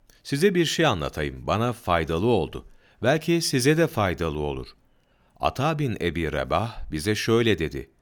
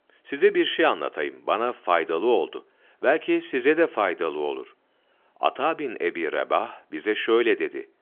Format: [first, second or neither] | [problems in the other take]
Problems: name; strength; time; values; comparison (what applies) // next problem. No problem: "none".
first | phone-call audio; nothing above 3.5 kHz